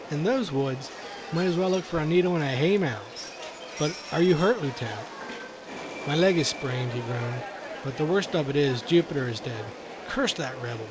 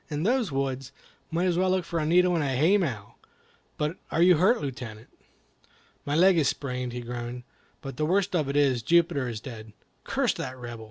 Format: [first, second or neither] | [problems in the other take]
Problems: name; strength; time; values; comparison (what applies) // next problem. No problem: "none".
second | background sound (Subway, metro, underground); 12 dB below the speech